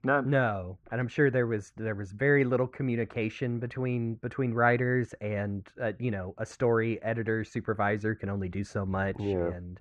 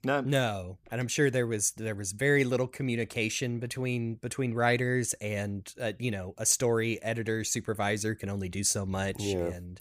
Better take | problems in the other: second | muffled; very; fading above 1.5 kHz

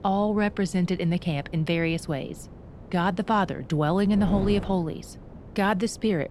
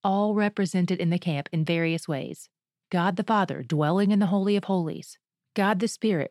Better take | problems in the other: second | wind noise on the microphone; occasional gusts; 20 dB below the speech

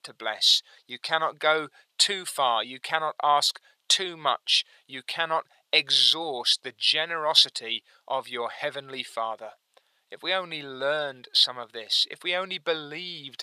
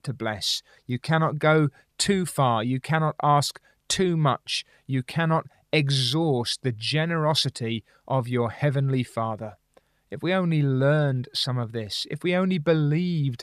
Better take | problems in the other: second | thin; very; fading below 700 Hz

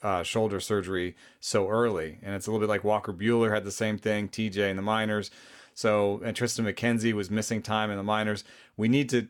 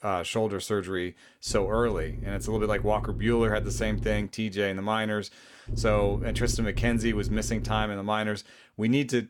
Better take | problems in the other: first | low rumble; noticeable; from 1.5 to 4 s and from 5.5 to 8 s; 15 dB below the speech

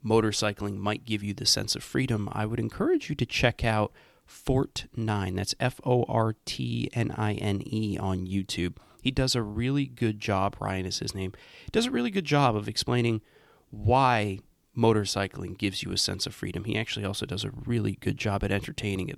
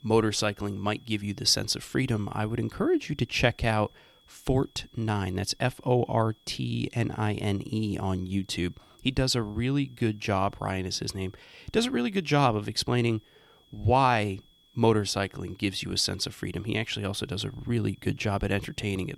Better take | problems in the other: first | high-pitched whine; faint; throughout; 3.5 kHz, 30 dB below the speech

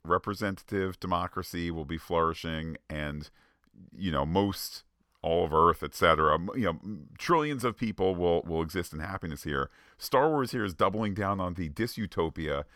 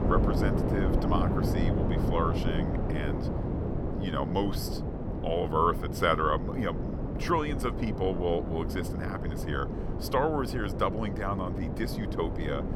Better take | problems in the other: first | wind noise on the microphone; heavy; 6 dB below the speech

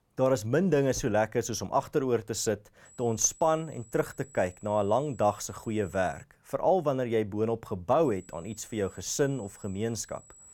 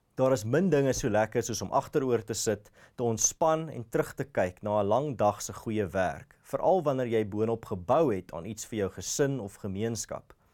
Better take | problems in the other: second | high-pitched whine; faint; from 3 to 6 s and from 8 s on; 8 kHz, 25 dB below the speech

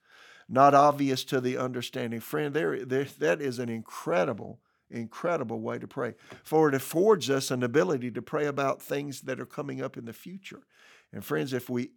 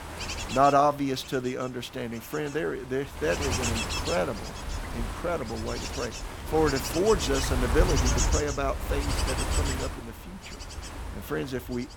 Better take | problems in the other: first | wind noise on the microphone; heavy; 5 dB below the speech

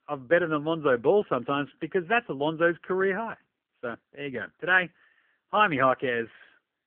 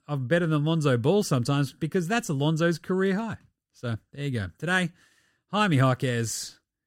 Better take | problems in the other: second | phone-call audio; poor line; nothing above 3 kHz

